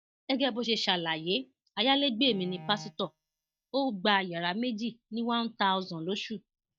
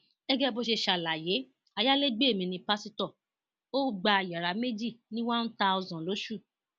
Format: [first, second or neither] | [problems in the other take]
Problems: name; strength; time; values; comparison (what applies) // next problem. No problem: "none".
second | noise reduction (neural mask model DeepFilterNet 3)